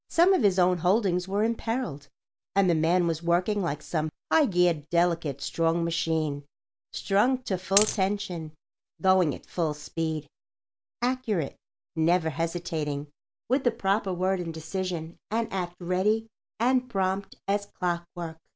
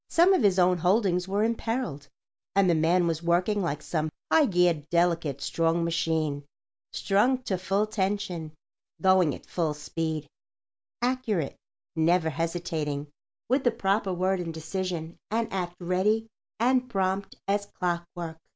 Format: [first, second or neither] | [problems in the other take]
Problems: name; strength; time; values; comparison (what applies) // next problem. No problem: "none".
second | background sound (Coin (dropping)); as loud as the speech